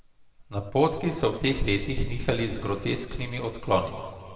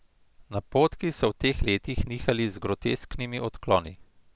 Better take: second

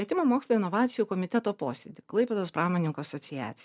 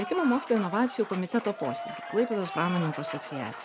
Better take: first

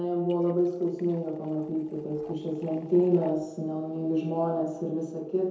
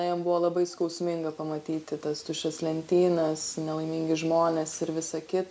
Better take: second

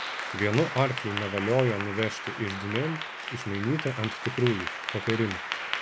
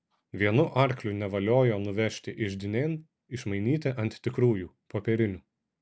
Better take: second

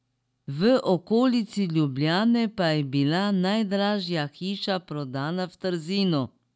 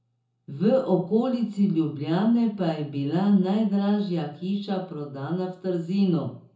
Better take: first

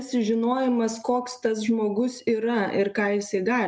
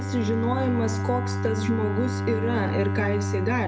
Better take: first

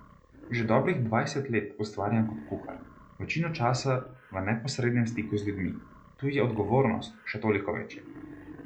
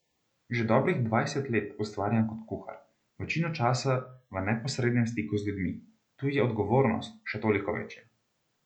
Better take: second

